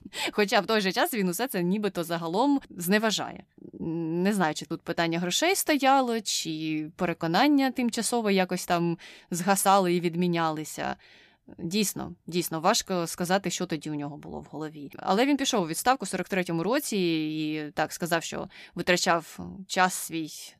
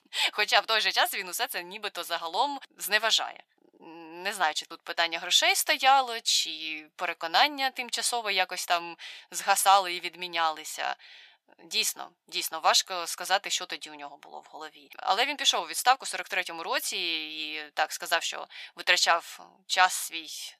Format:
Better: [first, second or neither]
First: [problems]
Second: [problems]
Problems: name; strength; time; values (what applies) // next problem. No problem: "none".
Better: first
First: none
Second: thin; very; fading below 900 Hz